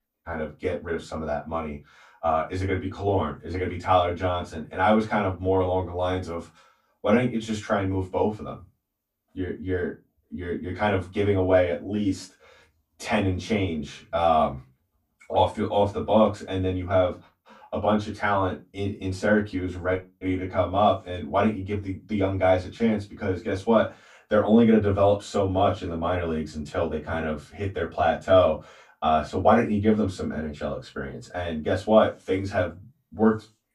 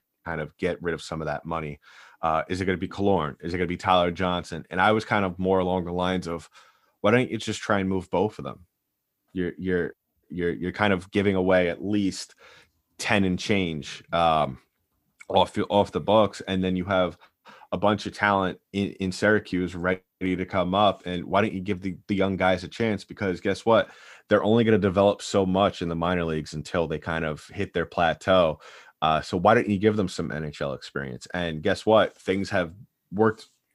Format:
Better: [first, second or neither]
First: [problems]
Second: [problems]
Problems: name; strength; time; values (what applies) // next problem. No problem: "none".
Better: second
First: off-mic speech; far // room echo; very slight; dies away in 0.2 s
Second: none